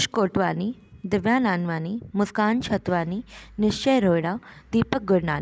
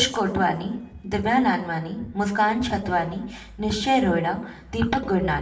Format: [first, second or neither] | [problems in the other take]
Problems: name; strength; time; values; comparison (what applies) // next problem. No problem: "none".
first | room echo; dies away in 0.6 s